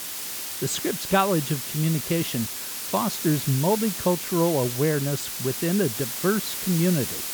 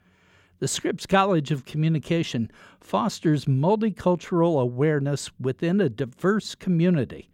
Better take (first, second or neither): second